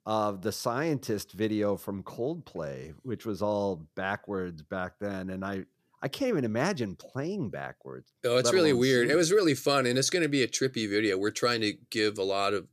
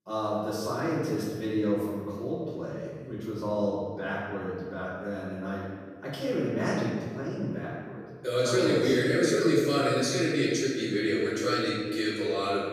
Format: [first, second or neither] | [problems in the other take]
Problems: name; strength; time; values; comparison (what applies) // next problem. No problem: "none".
first | off-mic speech; far // room echo; strong; dies away in 1.5 s